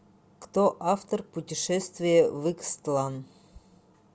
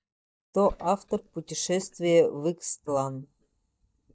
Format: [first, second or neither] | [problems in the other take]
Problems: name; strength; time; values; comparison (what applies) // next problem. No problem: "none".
first | noise reduction (neural mask model DeepFilterNet 3)